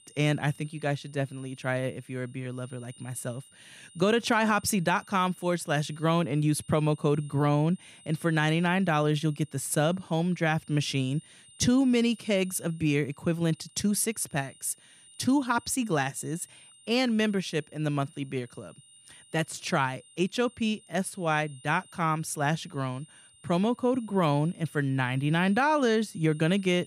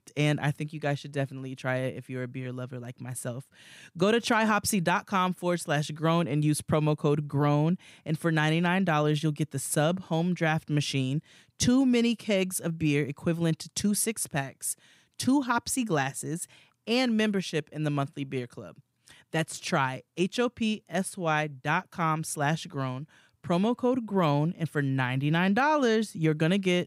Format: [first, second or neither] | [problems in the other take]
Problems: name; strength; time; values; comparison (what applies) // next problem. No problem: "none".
second | high-pitched whine; faint; throughout; 9 kHz, 25 dB below the speech